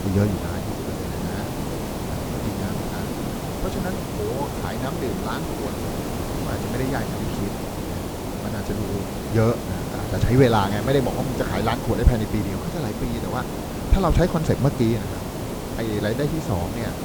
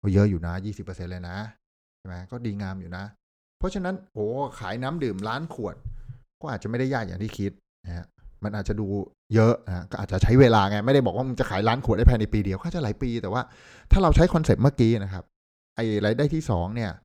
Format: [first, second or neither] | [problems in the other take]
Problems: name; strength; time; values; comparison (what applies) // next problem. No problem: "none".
second | hiss; loud; throughout; 4 dB below the speech